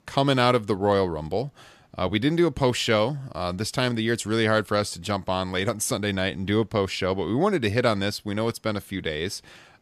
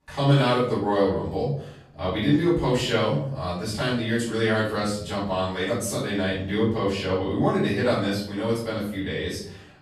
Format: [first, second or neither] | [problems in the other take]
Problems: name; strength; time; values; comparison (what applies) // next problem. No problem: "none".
first | off-mic speech; far // room echo; noticeable; dies away in 0.6 s